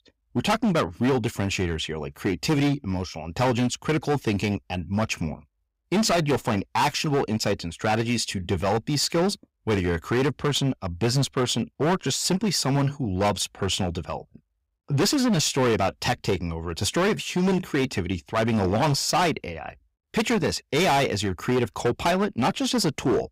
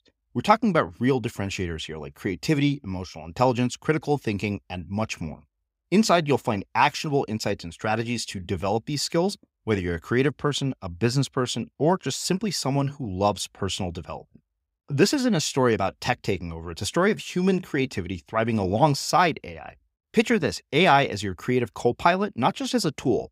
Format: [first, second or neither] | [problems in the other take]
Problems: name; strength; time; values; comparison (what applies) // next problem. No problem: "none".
second | distortion; heavy; 13% of the sound clipped